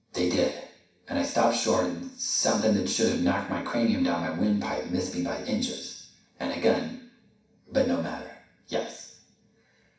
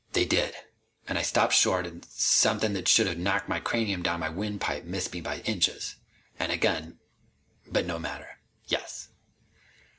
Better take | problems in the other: second | room echo; dies away in 0.6 s

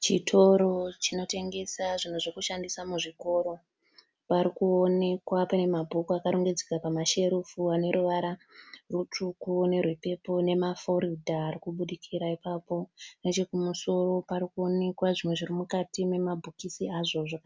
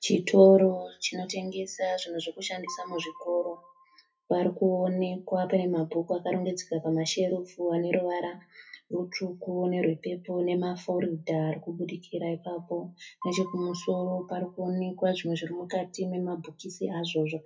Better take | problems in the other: first | noise reduction (classical method WPE with log-MMSE)

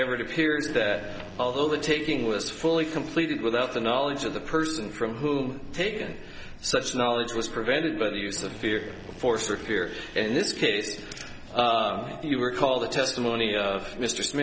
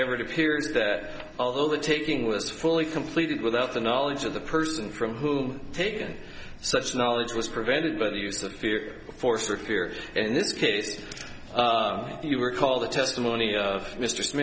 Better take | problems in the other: second | background sound (Drill); 19 dB below the speech

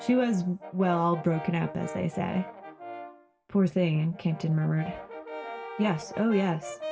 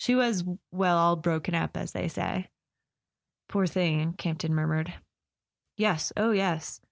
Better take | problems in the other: second | background sound (Brass instrument); 13 dB below the speech // room echo; dies away in 0.2 s

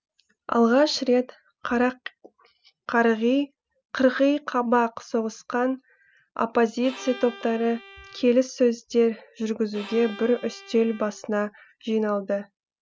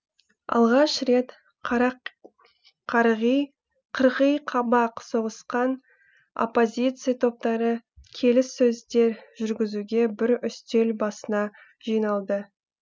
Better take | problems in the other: second | background sound (Bowed string instrument); 18 dB below the speech

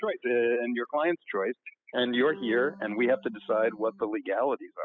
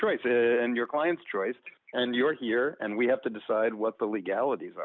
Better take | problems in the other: second | noise reduction (classical method spectral subtraction)

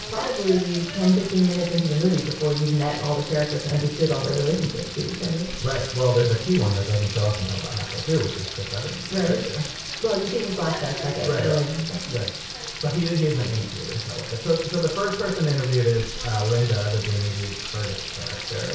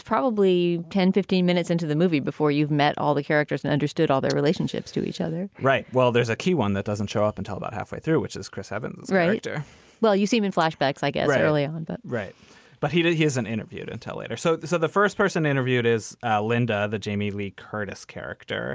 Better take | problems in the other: second | background sound (Frying (food)); 9 dB below the speech // room echo; dies away in 0.6 s

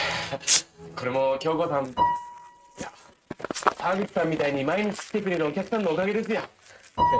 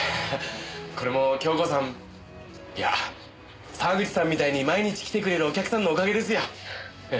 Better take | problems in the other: second | noise reduction (neural mask model RNNoise)

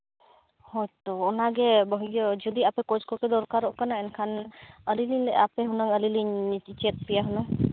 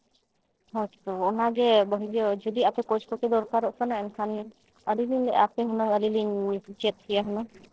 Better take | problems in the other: first | noise reduction (neural separator model SepFormer DNS4)

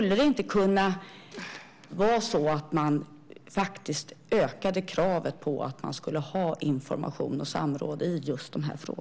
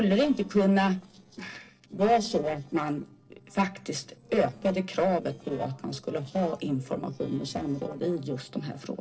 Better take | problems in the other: first | noise reduction (neural separator model SepFormer DNS4)

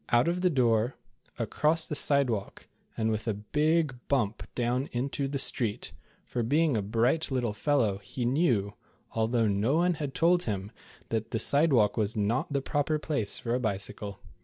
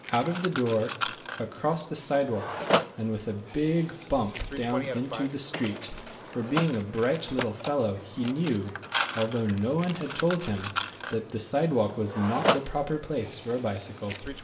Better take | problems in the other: first | background sound (Mechanisms); 6 dB below the speech // room echo; dies away in 0.7 s

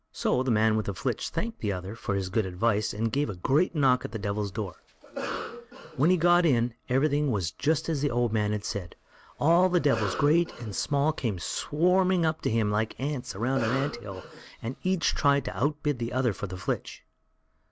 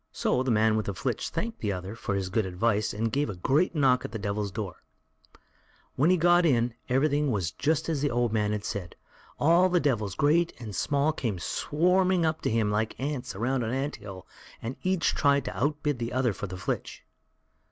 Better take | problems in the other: second | background sound (Cough); 12 dB below the speech

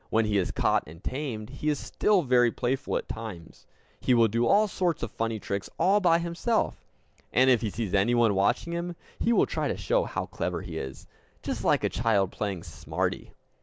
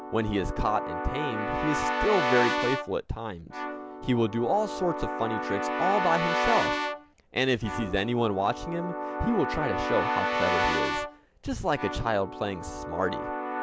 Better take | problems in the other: first | background sound (Keyboard (musical) / Brass instrument); 2 dB below the speech

